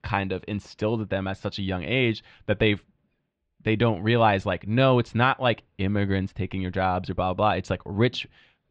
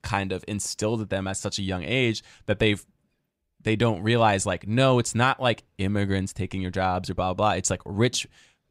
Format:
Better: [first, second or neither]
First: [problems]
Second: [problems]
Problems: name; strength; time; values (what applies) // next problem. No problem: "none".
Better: second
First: muffled; slightly; fading above 3.5 kHz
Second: none